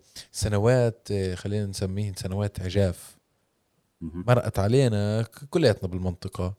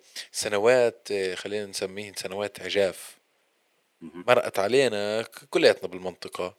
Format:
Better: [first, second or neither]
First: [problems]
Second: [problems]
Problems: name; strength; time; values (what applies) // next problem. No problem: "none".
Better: first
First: none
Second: thin; very; fading below 450 Hz